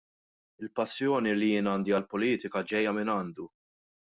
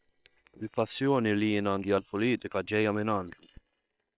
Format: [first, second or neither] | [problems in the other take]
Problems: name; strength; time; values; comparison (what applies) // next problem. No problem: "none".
first | noise reduction (neural separator model SepFormer WHAM!)